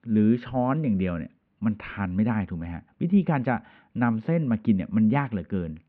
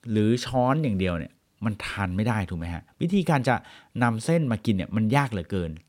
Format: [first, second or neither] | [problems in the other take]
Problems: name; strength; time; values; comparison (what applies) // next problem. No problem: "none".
second | muffled; very; fading above 2.5 kHz